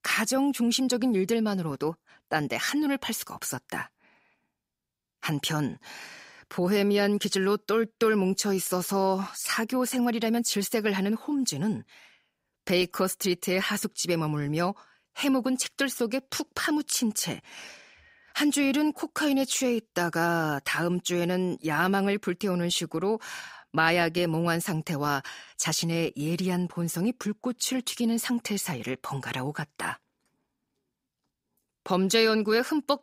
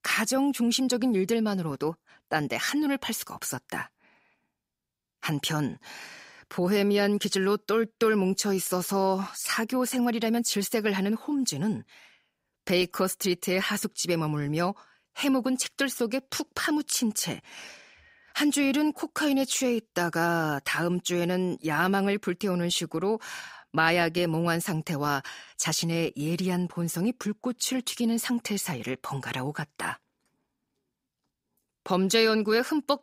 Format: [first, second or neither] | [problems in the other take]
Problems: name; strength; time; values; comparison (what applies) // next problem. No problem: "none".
neither | none